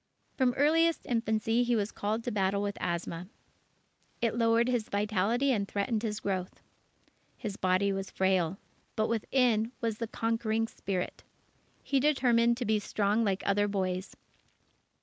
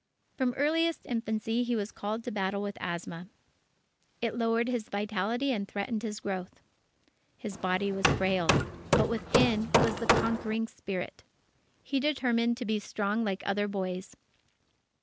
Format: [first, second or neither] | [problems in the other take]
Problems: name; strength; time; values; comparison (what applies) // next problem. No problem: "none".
first | background sound (Hammer); 3 dB above the speech